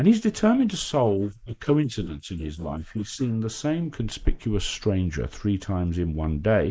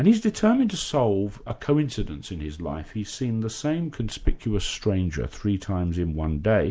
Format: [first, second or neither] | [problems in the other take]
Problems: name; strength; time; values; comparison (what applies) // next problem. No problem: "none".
second | noise reduction (neural mask model Resemble Enhance denoiser)